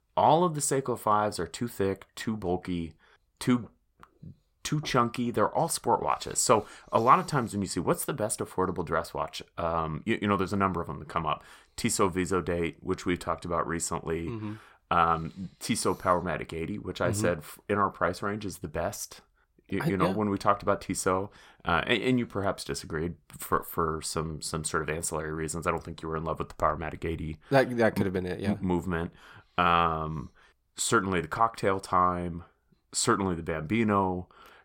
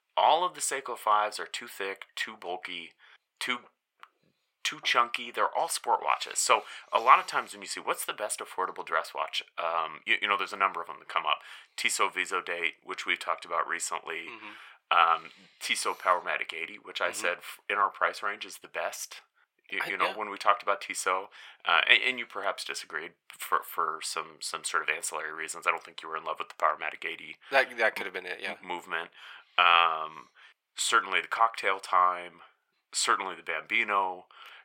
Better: first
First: none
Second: thin; very; fading below 700 Hz

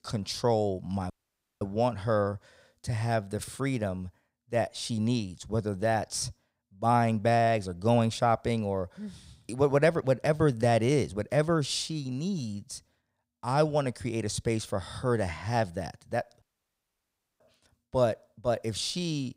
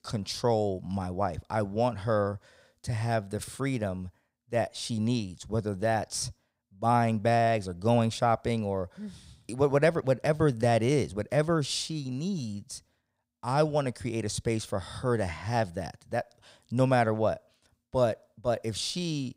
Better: second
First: audio cutting out; at 1 s for 0.5 s and at 16 s for 1 s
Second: none

